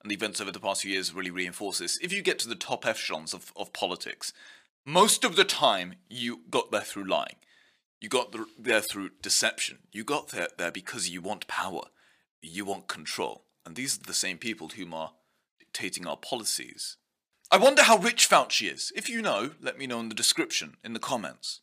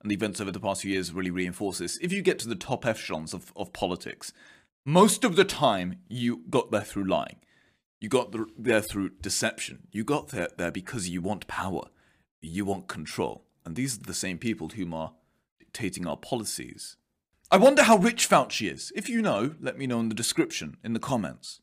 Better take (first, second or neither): second